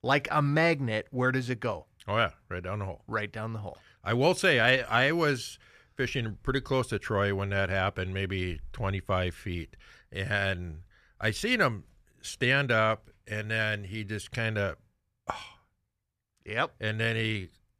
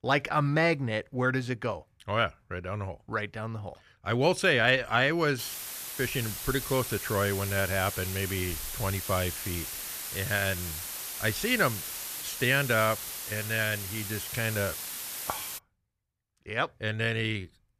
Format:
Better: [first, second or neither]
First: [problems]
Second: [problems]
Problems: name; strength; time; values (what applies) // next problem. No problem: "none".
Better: first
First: none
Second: hiss; loud; from 5.5 to 16 s; 6 dB below the speech